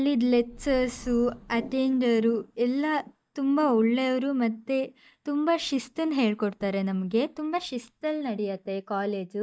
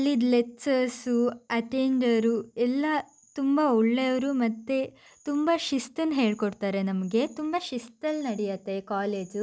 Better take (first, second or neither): second